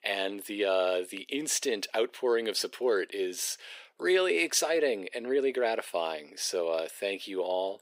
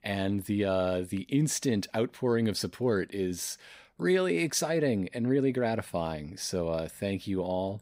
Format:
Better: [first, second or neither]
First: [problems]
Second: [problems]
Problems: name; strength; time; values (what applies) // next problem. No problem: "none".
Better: second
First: thin; somewhat; fading below 400 Hz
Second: none